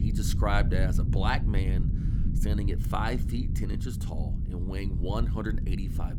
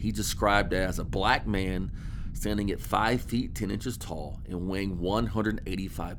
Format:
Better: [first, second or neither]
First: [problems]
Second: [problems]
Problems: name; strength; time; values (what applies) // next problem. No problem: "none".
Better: second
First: low rumble; loud; throughout; 8 dB below the speech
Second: low rumble; faint; throughout; 25 dB below the speech